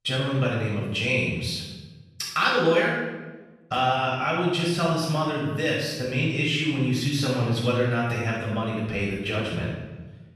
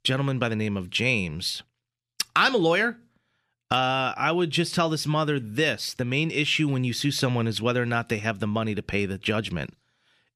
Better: second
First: off-mic speech; far // room echo; strong; dies away in 1.1 s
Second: none

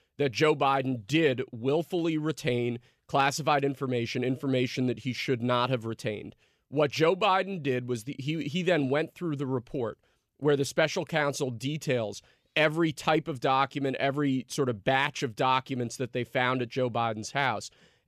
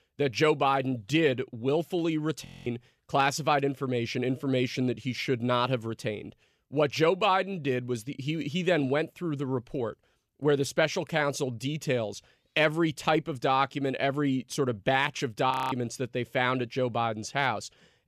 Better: first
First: none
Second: audio freezing; at 2.5 s and at 16 s

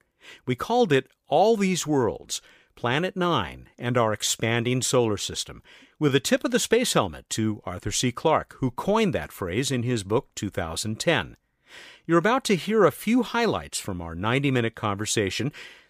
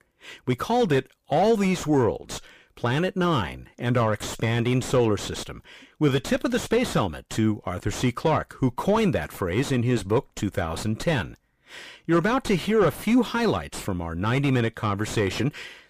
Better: first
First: none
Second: distortion; heavy; 6 dB below the speech

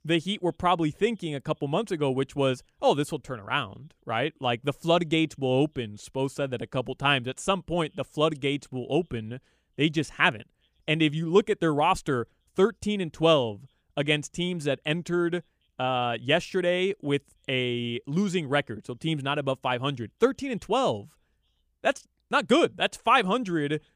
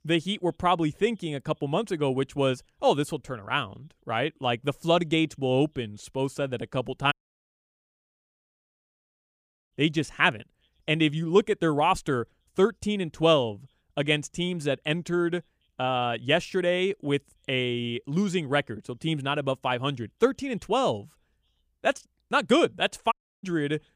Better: first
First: none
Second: audio cutting out; at 7 s for 2.5 s and at 23 s

